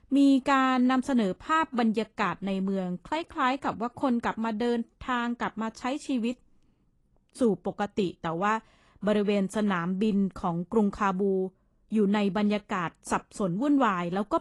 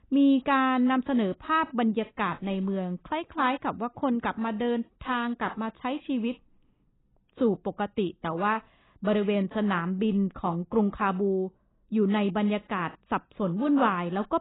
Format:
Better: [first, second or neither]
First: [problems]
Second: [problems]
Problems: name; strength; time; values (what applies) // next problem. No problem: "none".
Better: first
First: garbled, watery; slightly; nothing above 10.5 kHz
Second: garbled, watery; badly; nothing above 4 kHz